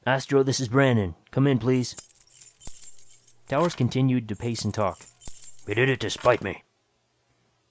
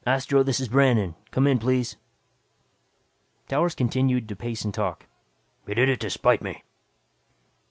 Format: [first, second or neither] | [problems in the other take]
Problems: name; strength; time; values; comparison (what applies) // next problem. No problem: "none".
second | background sound (Keys jangling); 18 dB below the speech